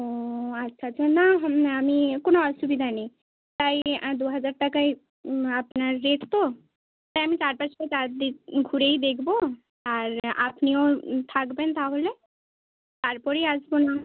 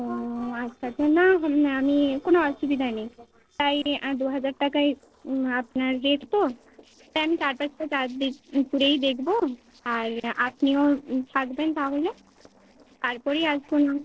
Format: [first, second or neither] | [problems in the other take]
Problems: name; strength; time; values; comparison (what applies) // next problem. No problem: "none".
first | noise reduction (neural separator model SepFormer DNS4)